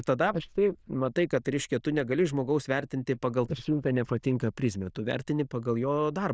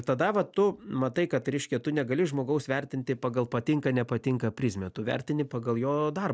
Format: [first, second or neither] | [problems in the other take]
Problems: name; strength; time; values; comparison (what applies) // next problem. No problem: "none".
second | noise reduction (neural diffusion model UNIVERSE++)